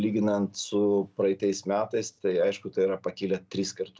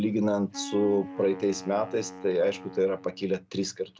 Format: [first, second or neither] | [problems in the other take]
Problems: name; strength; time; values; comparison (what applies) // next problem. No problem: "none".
first | background sound (Wind instrument, woodwind instrument); 15 dB below the speech